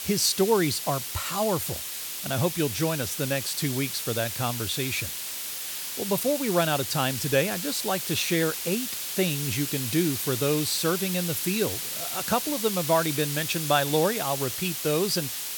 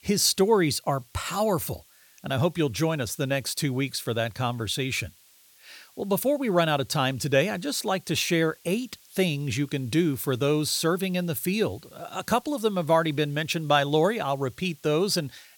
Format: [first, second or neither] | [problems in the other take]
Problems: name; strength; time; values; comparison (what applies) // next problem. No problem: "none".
second | hiss; loud; throughout; 3 dB below the speech; faint in the second